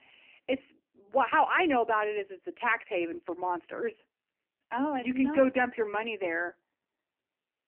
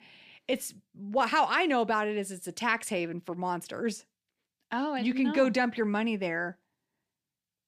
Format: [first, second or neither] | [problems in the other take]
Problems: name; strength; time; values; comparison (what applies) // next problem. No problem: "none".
second | phone-call audio; poor line; nothing above 3 kHz